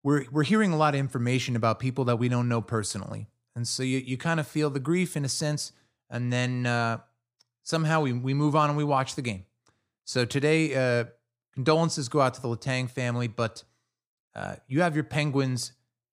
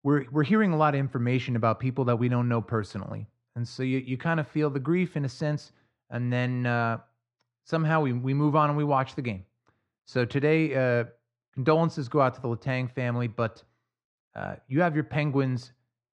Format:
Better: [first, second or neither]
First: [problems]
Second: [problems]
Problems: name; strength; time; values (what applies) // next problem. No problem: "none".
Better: first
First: none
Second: muffled; slightly; fading above 2.5 kHz